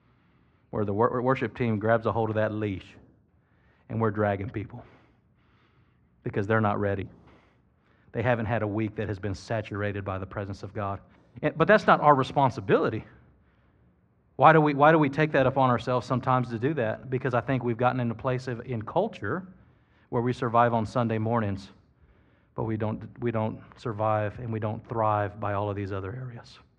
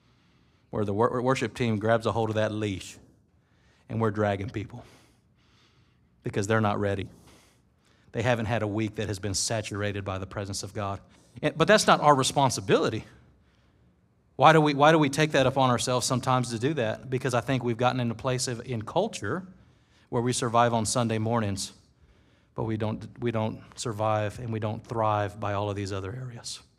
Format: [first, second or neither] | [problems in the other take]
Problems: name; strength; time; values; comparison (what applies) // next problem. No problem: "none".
second | muffled; very; fading above 2 kHz